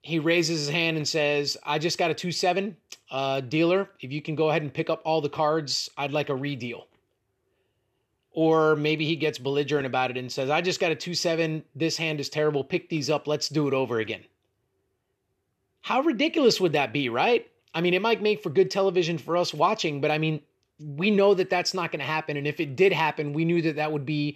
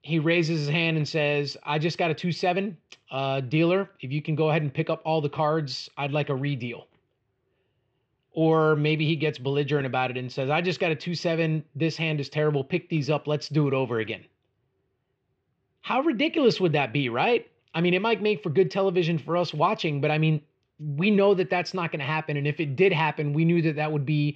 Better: first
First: none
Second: muffled; very slightly; fading above 3 kHz

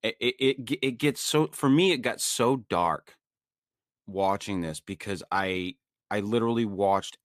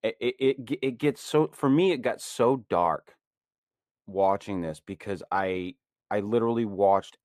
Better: first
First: none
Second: muffled; slightly; fading above 2.5 kHz

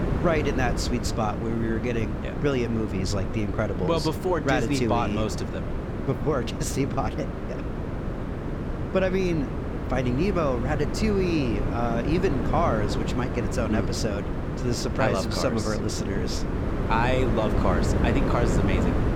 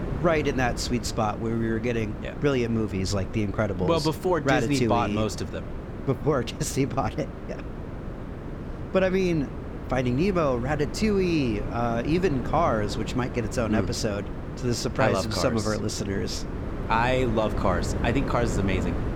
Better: second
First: wind noise on the microphone; heavy; 6 dB below the speech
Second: wind noise on the microphone; occasional gusts; 10 dB below the speech

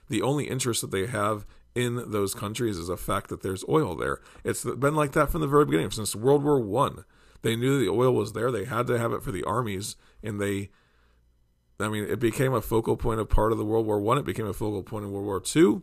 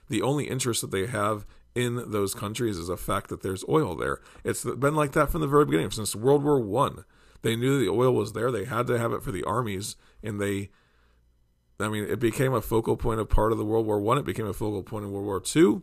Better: neither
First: none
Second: none

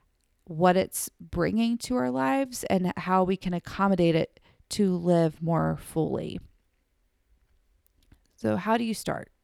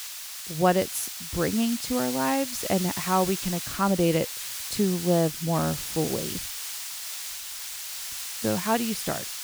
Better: first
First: none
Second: hiss; loud; throughout; 5 dB below the speech

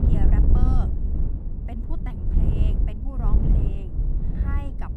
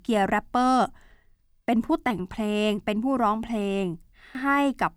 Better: second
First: wind noise on the microphone; heavy; 3 dB above the speech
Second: none

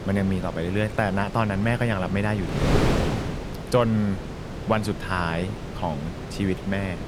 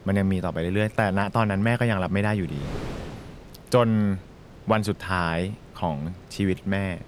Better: second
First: wind noise on the microphone; heavy; 6 dB below the speech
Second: wind noise on the microphone; occasional gusts; 20 dB below the speech

